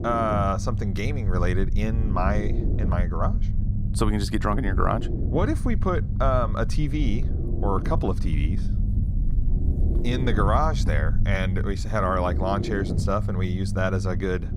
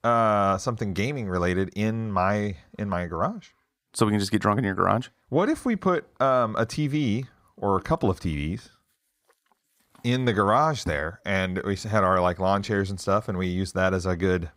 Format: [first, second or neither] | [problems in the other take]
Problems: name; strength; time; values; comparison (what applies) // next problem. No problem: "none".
second | low rumble; noticeable; throughout; 10 dB below the speech